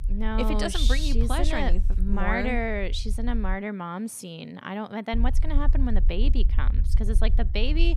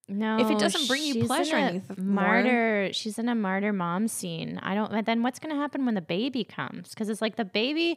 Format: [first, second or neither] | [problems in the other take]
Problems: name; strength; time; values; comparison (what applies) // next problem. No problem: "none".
second | low rumble; noticeable; until 3.5 s and from 5 s on; 20 dB below the speech